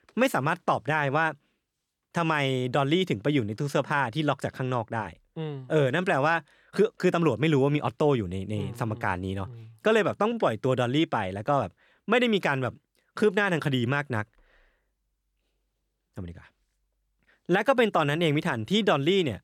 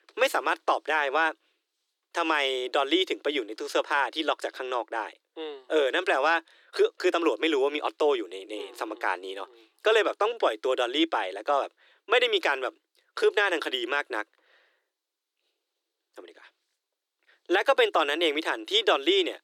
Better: first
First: none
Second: thin; very; fading below 300 Hz

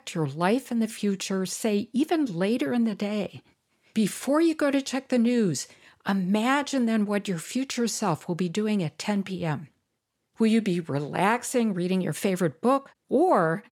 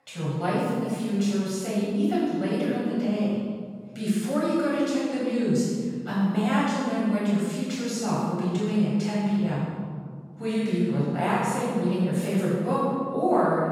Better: first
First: none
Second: room echo; strong; dies away in 1.9 s // off-mic speech; far

